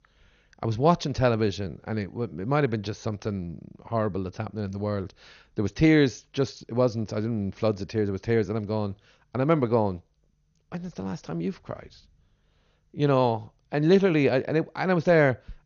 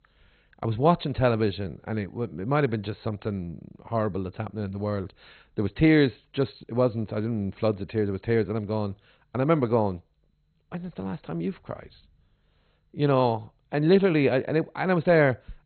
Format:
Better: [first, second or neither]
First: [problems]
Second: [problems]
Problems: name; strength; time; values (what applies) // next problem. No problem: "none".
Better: first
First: garbled, watery; slightly; nothing above 6.5 kHz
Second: garbled, watery; badly; nothing above 4 kHz